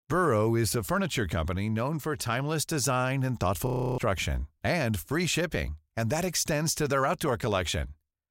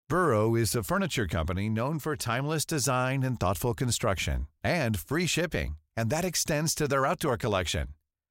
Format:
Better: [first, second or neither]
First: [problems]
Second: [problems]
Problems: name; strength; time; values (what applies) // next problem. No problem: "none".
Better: second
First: audio freezing; at 3.5 s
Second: none